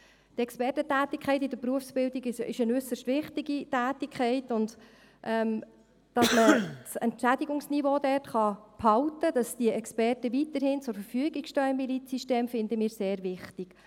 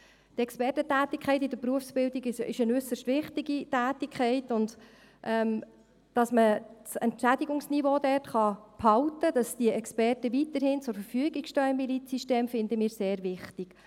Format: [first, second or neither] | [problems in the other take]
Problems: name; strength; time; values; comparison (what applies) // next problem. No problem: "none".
second | background sound (Cough); 1 dB above the speech